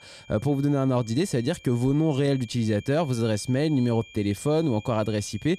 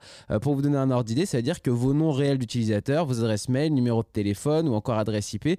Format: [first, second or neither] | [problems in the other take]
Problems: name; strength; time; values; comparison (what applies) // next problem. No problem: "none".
second | high-pitched whine; faint; throughout; 2.5 kHz, 20 dB below the speech